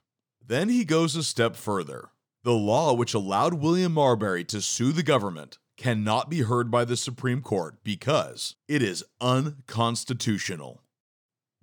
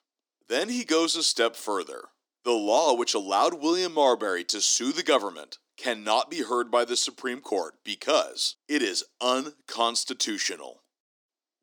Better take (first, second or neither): first